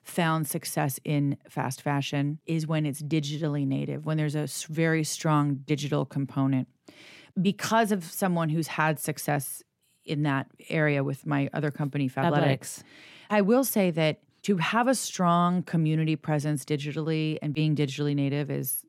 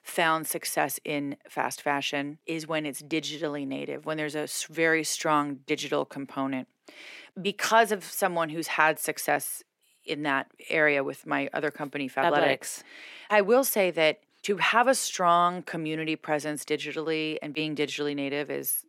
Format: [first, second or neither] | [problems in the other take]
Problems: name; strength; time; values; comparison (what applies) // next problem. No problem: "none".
first | thin; somewhat; fading below 450 Hz